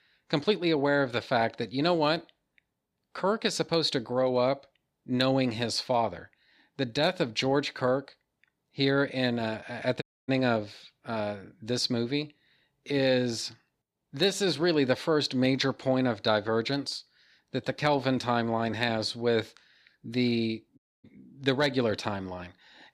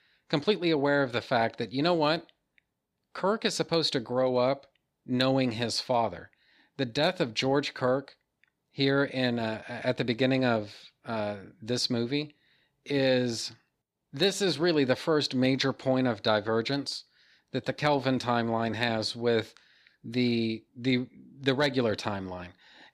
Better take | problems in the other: second | audio cutting out; at 10 s and at 21 s

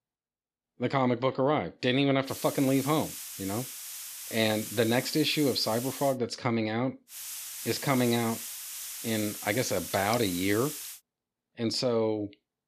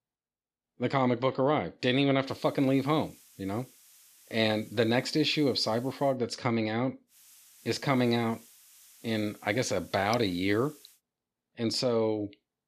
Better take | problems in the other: second | hiss; loud; from 2.5 to 6 s and from 7 to 11 s; 9 dB below the speech; faint in the second

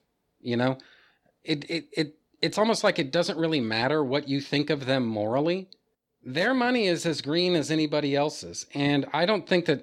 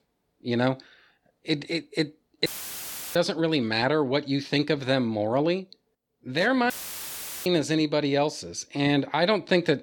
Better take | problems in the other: first | audio cutting out; filled with static; at 2.5 s for 0.5 s and at 6.5 s for 1 s

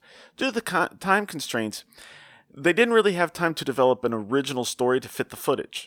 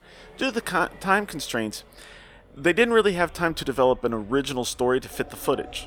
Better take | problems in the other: first | traffic noise; faint; throughout; 25 dB below the speech

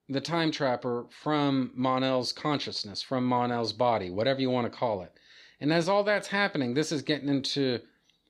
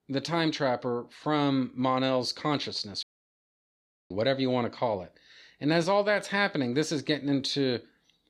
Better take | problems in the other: first | audio cutting out; at 3 s for 1 s

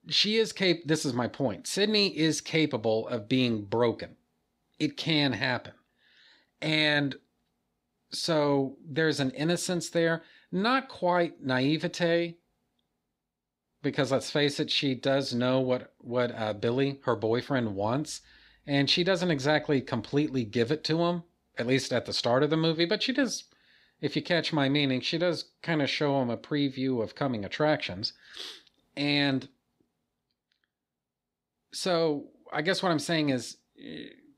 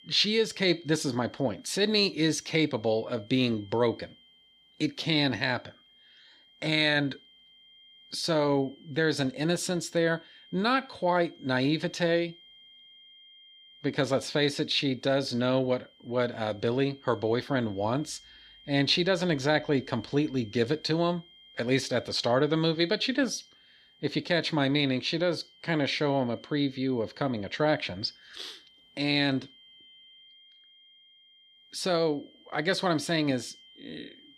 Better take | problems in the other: first | high-pitched whine; faint; throughout; 3 kHz, 25 dB below the speech

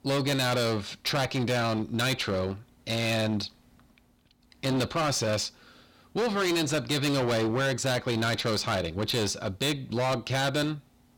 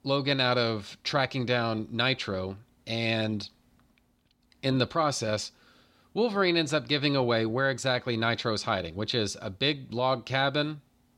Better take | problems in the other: second | distortion; heavy; 22% of the sound clipped

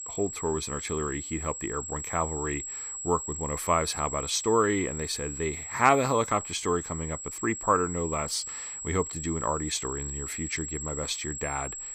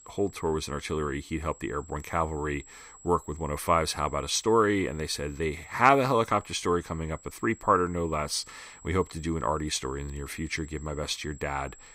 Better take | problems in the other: second | high-pitched whine; loud; throughout; 7.5 kHz, 6 dB below the speech; faint in the second

